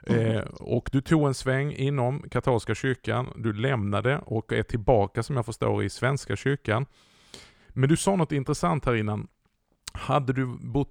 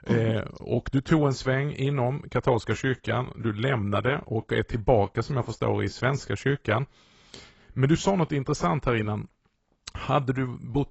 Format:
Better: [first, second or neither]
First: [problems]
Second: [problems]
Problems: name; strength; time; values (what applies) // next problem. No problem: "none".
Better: first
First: none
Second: garbled, watery; badly; nothing above 8 kHz